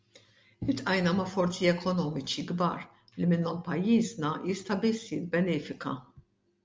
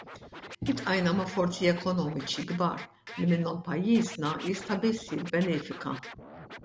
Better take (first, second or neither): first